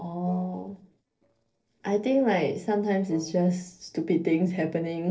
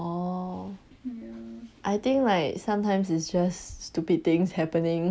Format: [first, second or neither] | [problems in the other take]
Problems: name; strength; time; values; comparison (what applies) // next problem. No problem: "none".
second | noise reduction (neural separator model SepFormer DNS4)